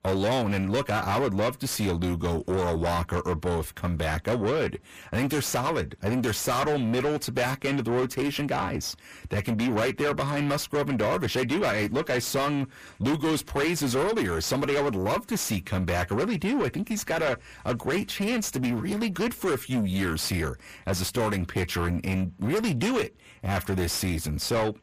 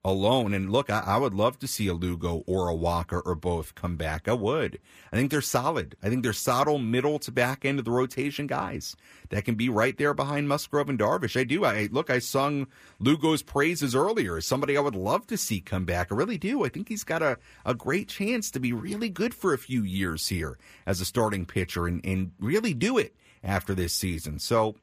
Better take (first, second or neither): second